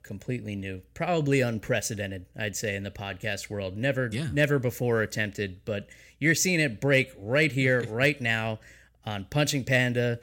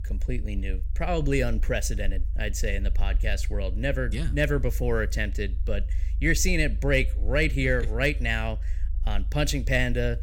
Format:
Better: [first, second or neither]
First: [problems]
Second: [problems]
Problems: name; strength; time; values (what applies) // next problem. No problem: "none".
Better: first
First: none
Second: low rumble; faint; throughout; 25 dB below the speech